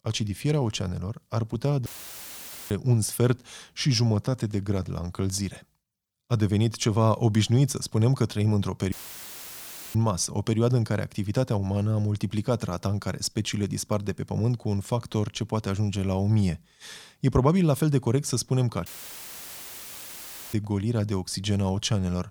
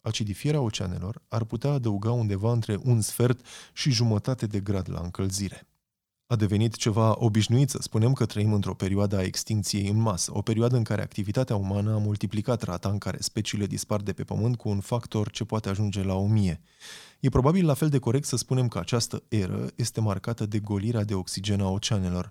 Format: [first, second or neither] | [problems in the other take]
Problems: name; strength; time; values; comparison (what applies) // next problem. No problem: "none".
second | audio cutting out; filled with static; at 2 s for 1 s, at 9 s for 1 s and at 19 s for 1.5 s